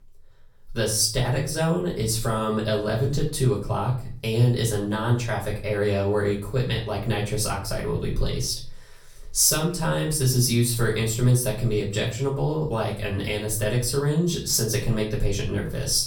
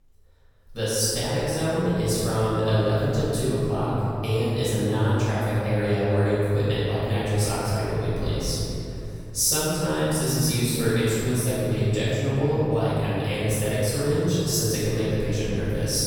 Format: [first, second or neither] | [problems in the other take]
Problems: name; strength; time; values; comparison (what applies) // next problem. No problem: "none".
first | room echo; strong; dies away in 3 s; slight in the first // off-mic speech; far; far in the first